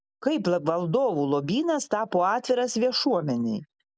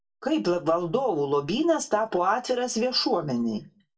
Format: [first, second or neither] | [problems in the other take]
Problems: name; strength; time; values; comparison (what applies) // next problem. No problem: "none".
first | room echo; dies away in 0.2 s